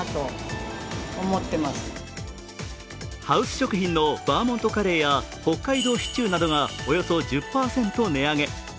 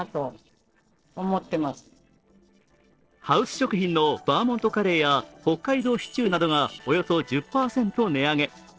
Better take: first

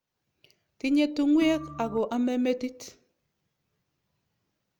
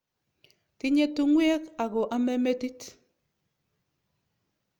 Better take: second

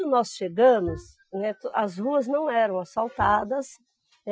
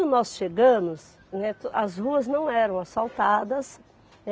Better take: second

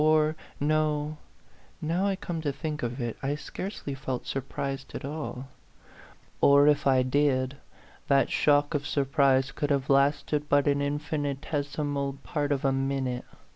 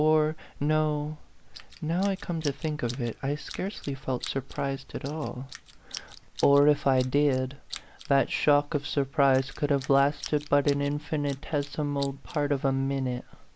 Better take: first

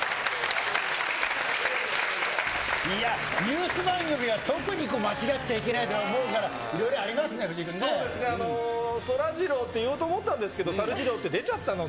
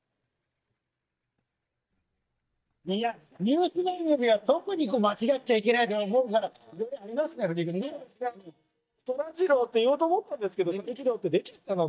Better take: first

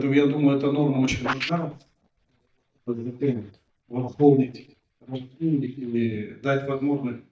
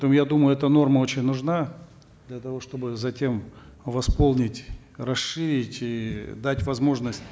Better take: second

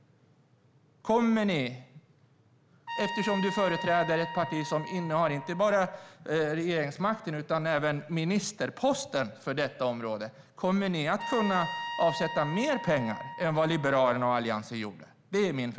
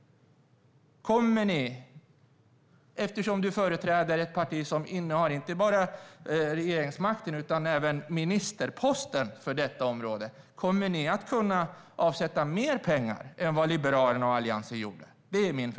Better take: second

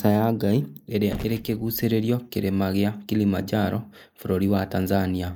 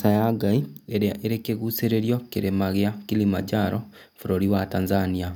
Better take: second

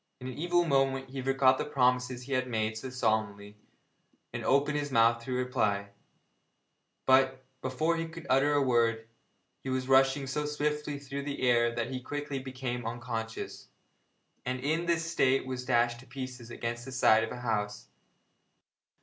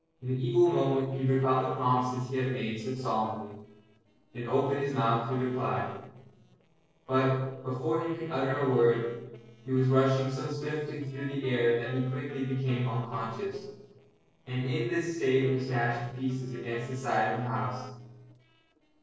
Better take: first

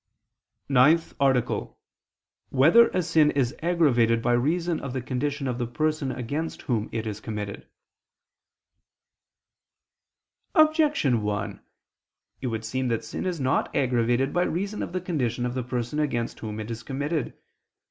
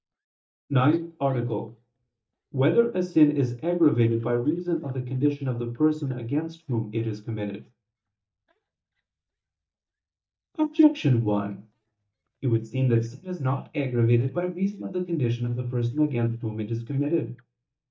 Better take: first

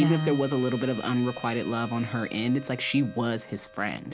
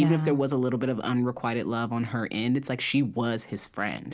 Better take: second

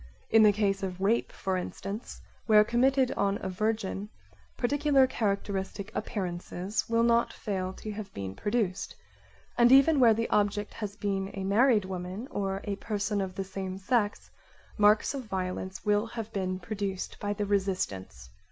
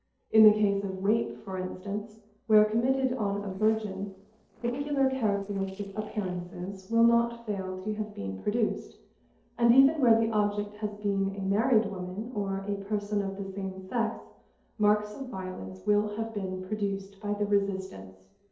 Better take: first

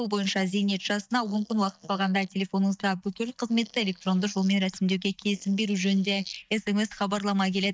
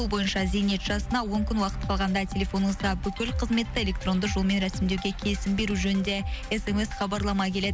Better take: second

